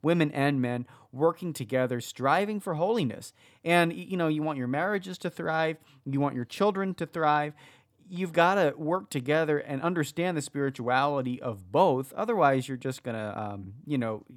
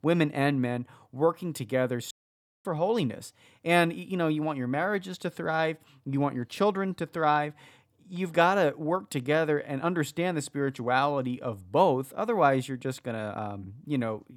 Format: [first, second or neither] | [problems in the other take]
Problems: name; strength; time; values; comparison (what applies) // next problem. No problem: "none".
first | audio cutting out; at 2 s for 0.5 s